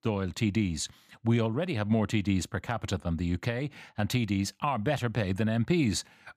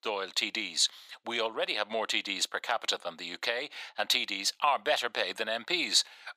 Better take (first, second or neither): first